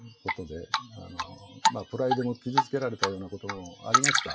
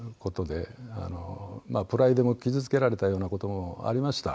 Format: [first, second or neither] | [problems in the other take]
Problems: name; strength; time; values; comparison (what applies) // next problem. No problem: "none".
second | noise reduction (classical method WPE with log-MMSE)